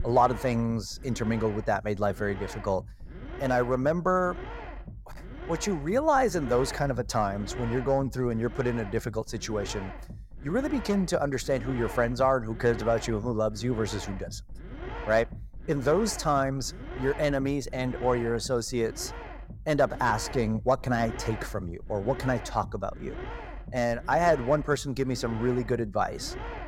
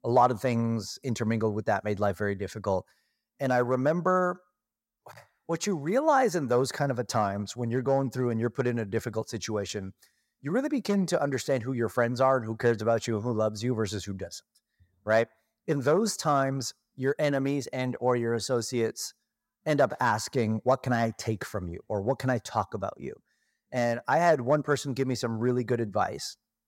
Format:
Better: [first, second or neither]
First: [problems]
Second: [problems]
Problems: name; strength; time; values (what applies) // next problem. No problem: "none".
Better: second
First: low rumble; noticeable; throughout; 15 dB below the speech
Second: none